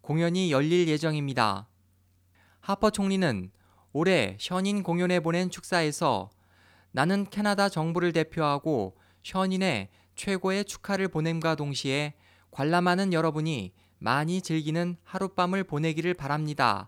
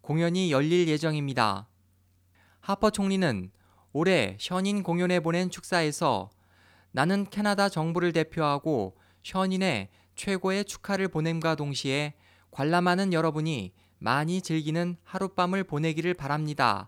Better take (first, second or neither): neither